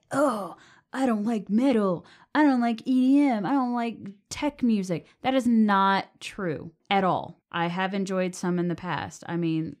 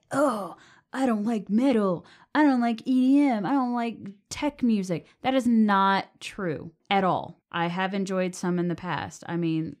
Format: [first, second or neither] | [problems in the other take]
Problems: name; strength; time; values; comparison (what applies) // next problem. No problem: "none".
neither | none